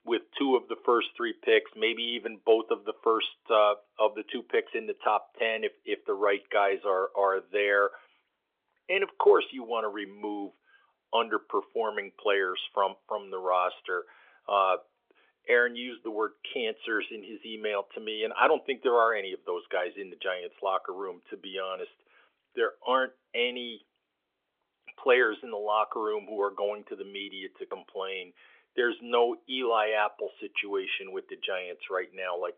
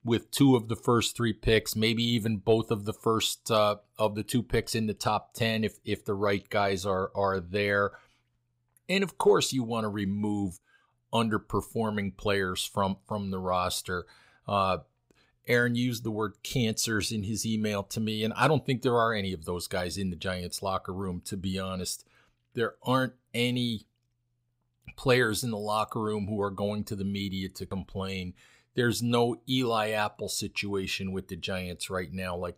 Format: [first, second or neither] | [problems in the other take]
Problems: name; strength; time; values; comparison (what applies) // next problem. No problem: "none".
second | phone-call audio; nothing above 3.5 kHz